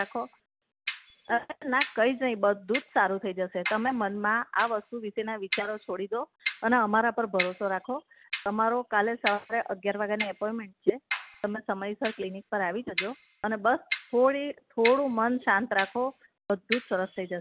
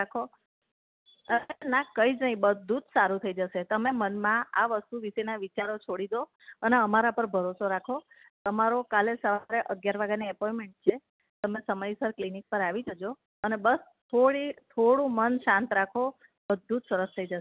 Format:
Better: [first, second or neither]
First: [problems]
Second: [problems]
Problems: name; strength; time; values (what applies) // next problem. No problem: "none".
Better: second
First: background sound (Clock); 11 dB below the speech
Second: none